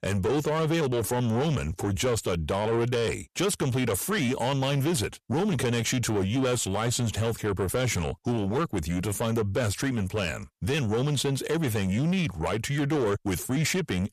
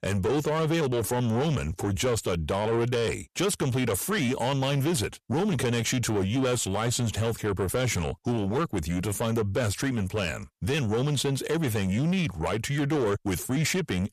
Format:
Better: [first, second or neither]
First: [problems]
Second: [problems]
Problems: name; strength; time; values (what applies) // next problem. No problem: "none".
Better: neither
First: distortion; slight; 10 dB below the speech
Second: distortion; slight; 10 dB below the speech